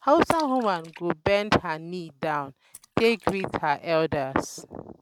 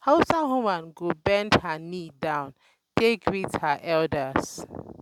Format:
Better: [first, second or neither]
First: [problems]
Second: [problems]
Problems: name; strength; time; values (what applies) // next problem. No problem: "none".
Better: second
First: noise reduction (neural mask model RNNoise)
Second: none